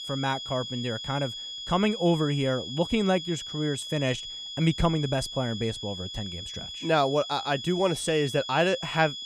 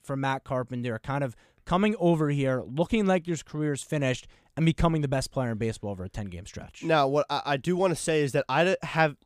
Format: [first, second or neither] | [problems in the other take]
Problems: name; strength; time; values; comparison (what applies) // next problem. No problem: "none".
second | high-pitched whine; loud; throughout; 3.5 kHz, 8 dB below the speech